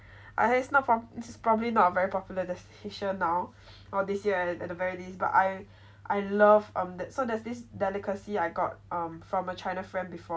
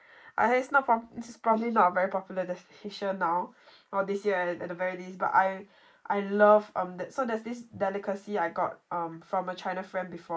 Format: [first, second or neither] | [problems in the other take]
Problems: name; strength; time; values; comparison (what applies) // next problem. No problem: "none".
first | noise reduction (neural mask model Resemble Enhance denoiser)